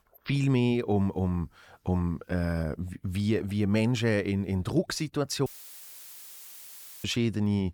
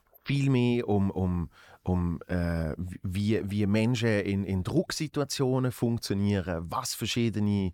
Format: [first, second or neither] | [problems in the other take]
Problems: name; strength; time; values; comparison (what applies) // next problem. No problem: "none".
second | audio cutting out; filled with static; at 5.5 s for 1.5 s